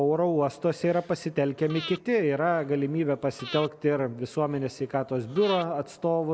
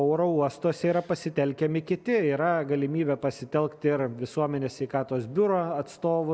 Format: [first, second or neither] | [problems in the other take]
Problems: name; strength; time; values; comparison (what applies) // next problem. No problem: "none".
second | background sound (Breathing); 17 dB below the speech